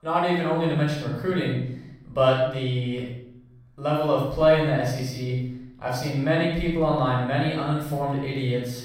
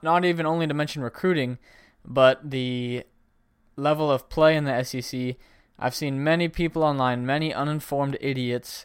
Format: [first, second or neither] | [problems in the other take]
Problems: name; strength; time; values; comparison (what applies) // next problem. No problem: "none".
second | off-mic speech; far // room echo; noticeable; dies away in 0.7 s